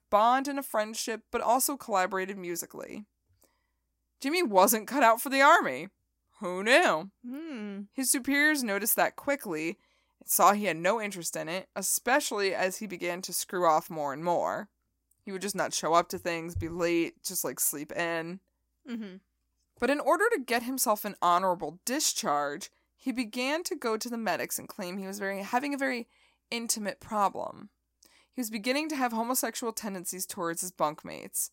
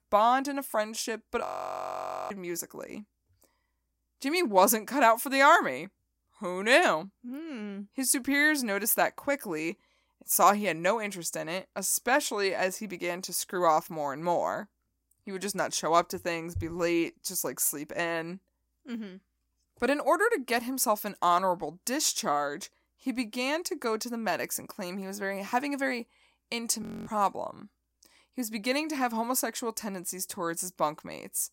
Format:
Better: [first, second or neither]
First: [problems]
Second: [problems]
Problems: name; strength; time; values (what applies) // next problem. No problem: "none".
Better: first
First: none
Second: audio freezing; at 1.5 s for 1 s and at 27 s